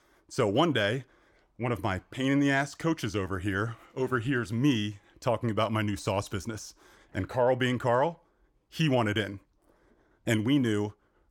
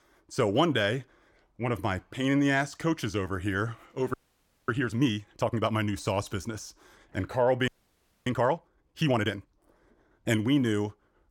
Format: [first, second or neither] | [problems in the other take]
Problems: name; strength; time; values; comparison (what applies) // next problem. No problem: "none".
first | audio freezing; at 4 s for 0.5 s and at 7.5 s for 0.5 s